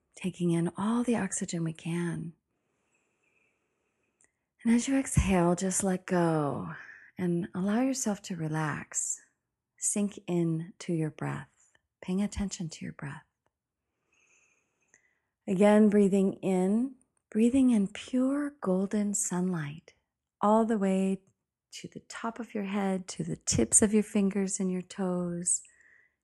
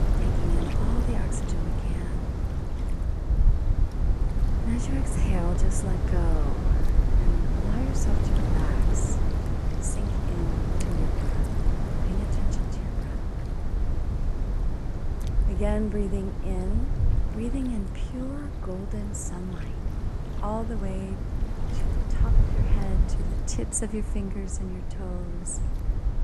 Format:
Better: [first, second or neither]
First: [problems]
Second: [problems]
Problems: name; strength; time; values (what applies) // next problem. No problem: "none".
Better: first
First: none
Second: wind noise on the microphone; heavy; 1 dB below the speech